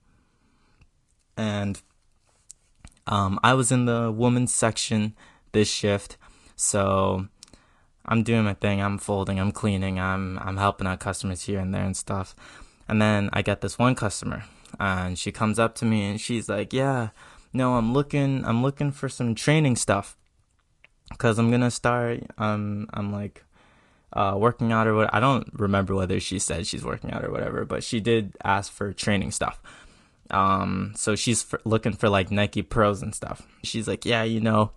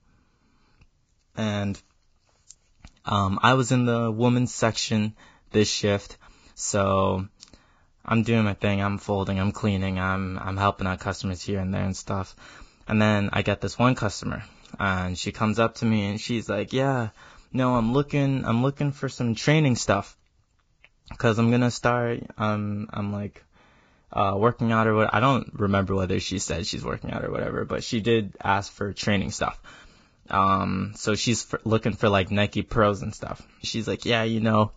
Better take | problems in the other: first | garbled, watery; badly; nothing above 7.5 kHz; slightly in the first

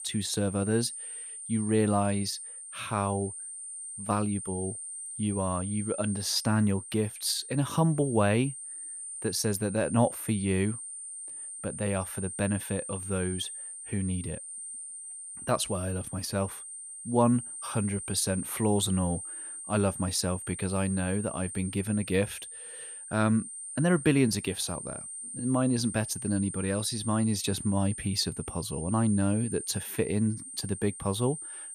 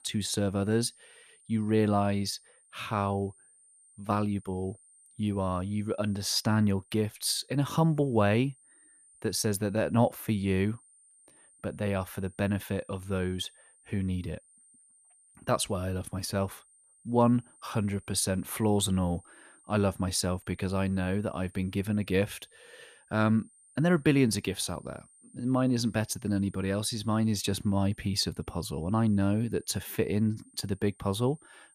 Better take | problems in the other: second | high-pitched whine; loud; throughout; 9 kHz, 8 dB below the speech; faint in the second

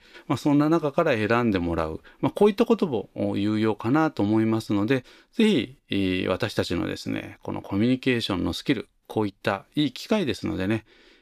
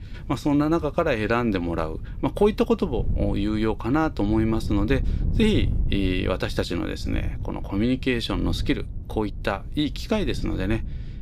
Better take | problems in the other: first | wind noise on the microphone; occasional gusts; 20 dB below the speech

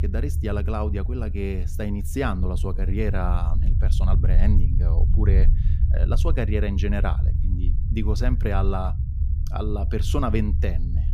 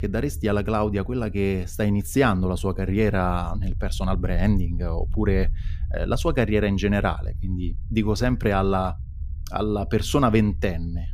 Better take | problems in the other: second | low rumble; loud; throughout; 10 dB below the speech; faint in the second

